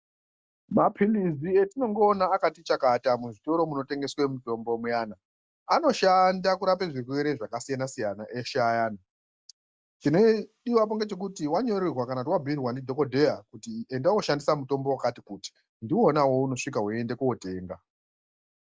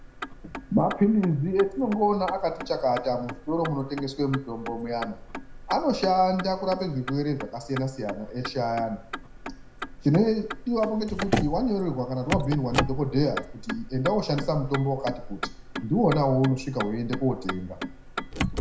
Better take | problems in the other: first | background sound (Motor vehicle (road)); 8 dB below the speech // room echo; dies away in 0.4 s

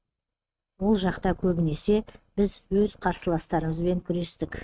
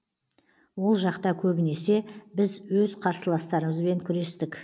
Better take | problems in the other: second | noise reduction (neural mask model RNNoise)

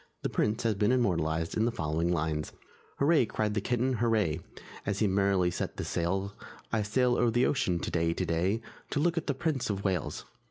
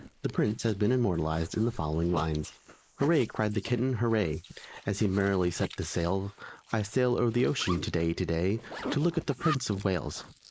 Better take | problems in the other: first | noise reduction (neural mask model Resemble Enhance denoiser)

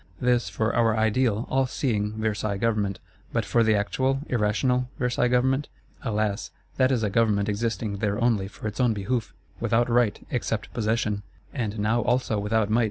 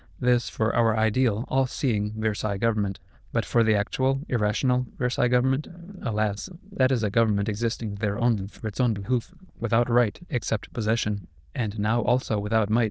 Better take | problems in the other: first | noise reduction (neural diffusion model UNIVERSE++)

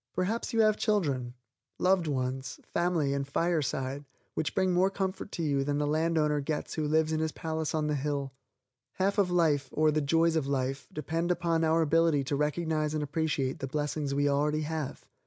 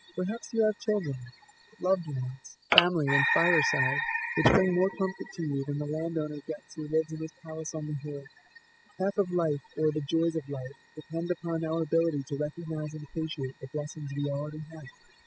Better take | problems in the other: first | noise reduction (classical method spectral subtraction)

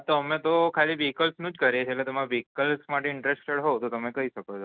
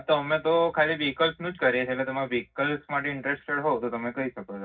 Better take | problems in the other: first | room echo; dies away in 0.4 s

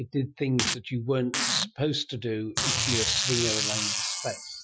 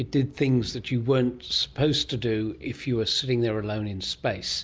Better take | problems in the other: second | noise reduction (classical method Wiener filter)

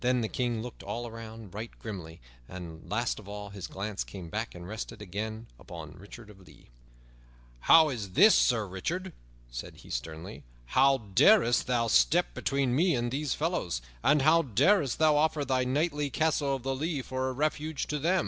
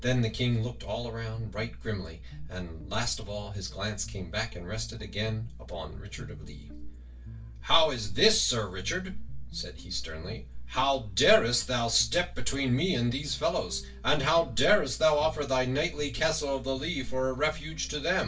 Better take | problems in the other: first | background sound (Guitar); 20 dB below the speech // room echo; dies away in 0.2 s

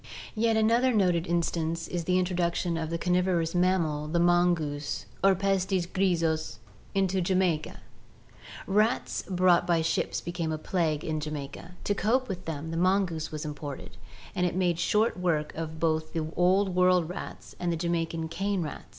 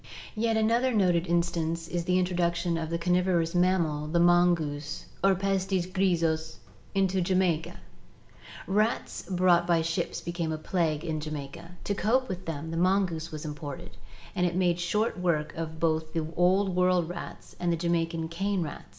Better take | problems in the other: first | room echo; dies away in 0.6 s

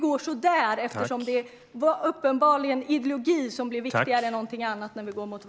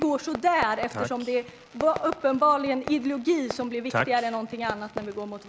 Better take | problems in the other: first | background sound (Fireworks); 13 dB below the speech

